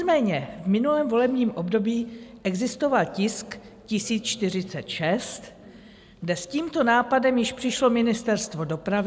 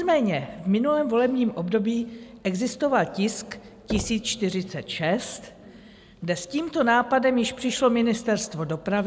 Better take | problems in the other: first | background sound (Knock); 16 dB below the speech

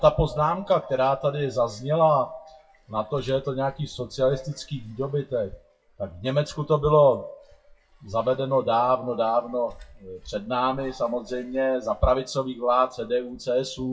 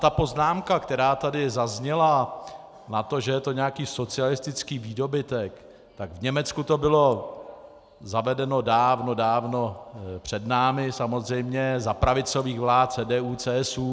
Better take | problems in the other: second | noise reduction (classical method WPE with log-MMSE)

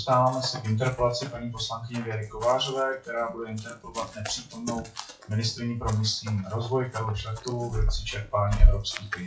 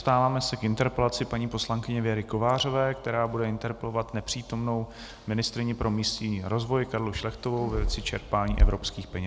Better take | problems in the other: second | noise reduction (classical method WPE with log-MMSE)

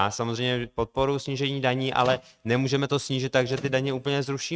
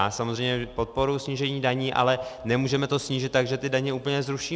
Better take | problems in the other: second | noise reduction (neural mask model RNNoise)

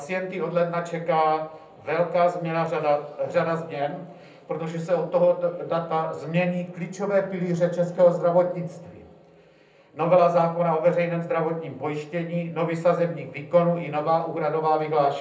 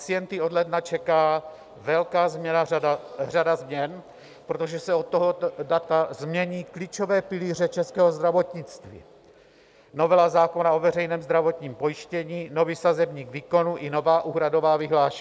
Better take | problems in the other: second | room echo; dies away in 0.6 s

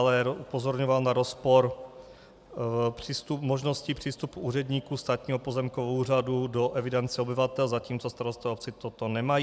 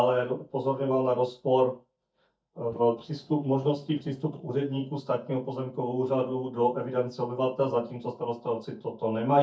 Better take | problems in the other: first | noise reduction (neural mask model DeepFilterNet 3)

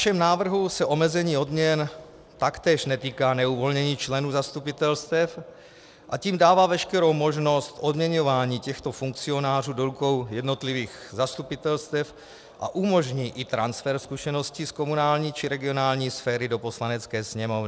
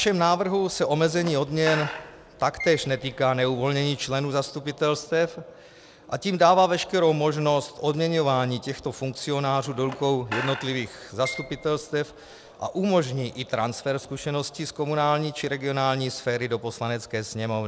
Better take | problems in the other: first | background sound (Squeak / Screech); 13 dB below the speech

